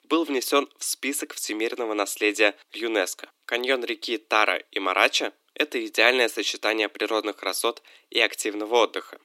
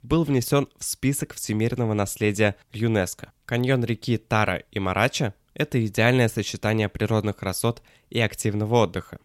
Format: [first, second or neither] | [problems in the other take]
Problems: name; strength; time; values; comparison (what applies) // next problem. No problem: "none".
second | thin; very; fading below 300 Hz